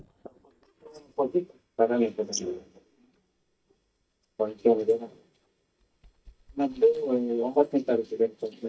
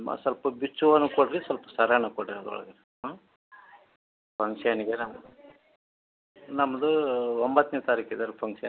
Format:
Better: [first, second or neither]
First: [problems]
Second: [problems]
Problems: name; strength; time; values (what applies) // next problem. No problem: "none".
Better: second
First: noise reduction (neural mask model DeepFilterNet 3)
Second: none